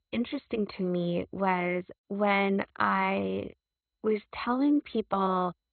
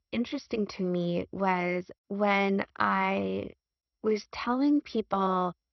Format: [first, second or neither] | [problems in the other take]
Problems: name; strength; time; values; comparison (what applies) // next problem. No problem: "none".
second | garbled, watery; badly; nothing above 4 kHz; slightly in the second